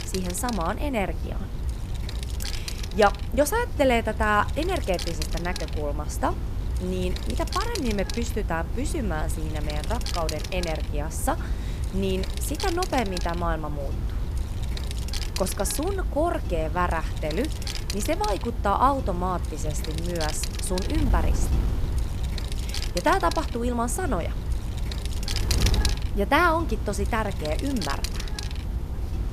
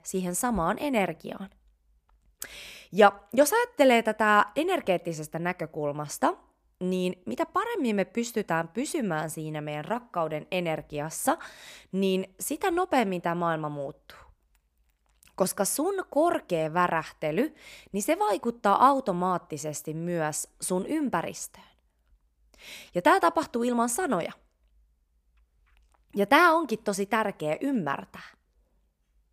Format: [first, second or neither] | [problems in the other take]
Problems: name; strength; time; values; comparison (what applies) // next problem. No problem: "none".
second | wind noise on the microphone; occasional gusts; 10 dB below the speech